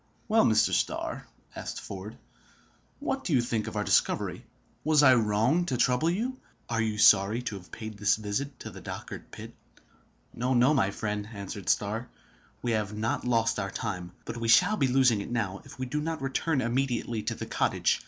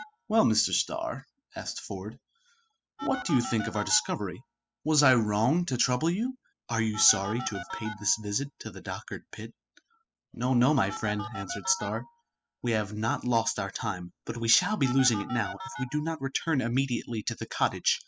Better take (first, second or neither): first